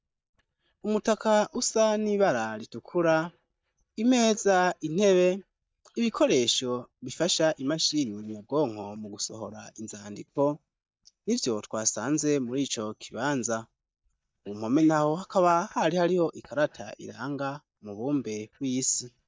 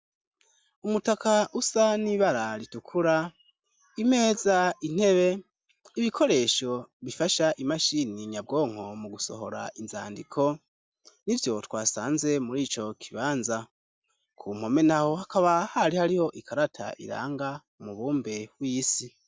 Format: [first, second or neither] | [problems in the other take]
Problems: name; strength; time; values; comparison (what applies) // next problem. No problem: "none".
second | noise reduction (neural mask model DeepFilterNet 3)